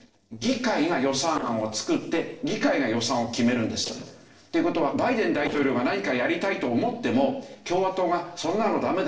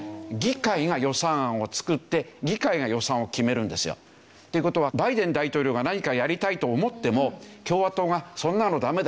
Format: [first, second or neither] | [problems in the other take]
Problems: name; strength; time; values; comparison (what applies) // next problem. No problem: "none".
second | noise reduction (neural separator model SepFormer DNS4)